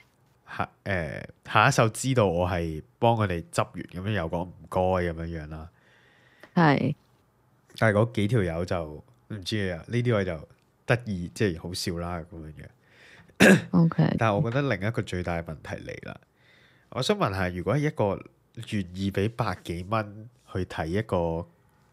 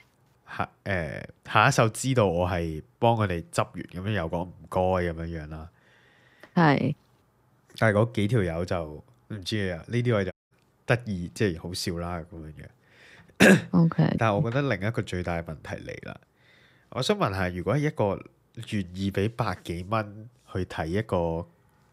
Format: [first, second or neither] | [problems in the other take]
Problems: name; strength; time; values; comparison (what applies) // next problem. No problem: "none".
first | audio cutting out; at 10 s